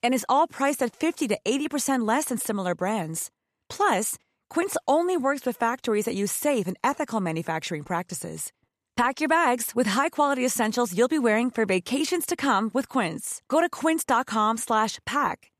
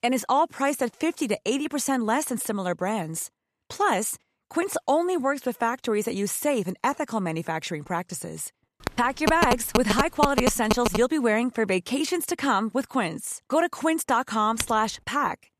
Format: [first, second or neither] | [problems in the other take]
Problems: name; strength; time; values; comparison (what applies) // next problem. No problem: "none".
first | phone ringing; loud; from 9 to 11 s; peak 1 dB above the speech // keyboard typing; very faint; at 15 s; peak 8 dB below the speech